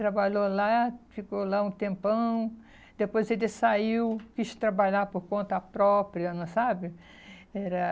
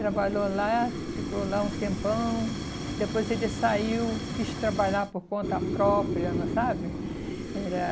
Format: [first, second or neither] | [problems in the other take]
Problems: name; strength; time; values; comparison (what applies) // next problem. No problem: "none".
first | background sound (Fire); 3 dB below the speech